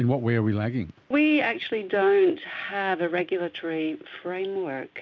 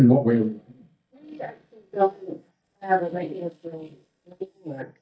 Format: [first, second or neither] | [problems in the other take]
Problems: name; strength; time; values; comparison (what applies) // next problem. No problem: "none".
first | noise reduction (neural mask model DeepFilterNet 3)